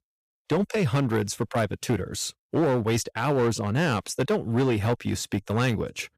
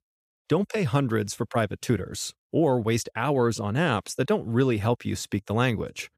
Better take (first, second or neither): second